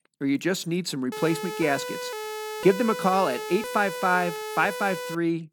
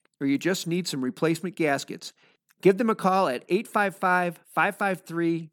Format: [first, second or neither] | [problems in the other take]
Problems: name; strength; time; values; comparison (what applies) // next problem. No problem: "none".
second | siren; noticeable; from 1 s on; peak 7 dB below the speech